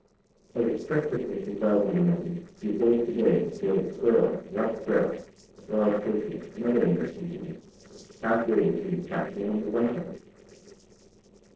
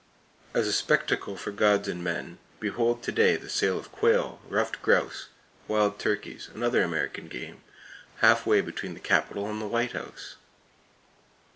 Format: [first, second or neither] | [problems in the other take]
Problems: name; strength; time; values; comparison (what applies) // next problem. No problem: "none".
second | noise reduction (neural separator model SepFormer DNS4)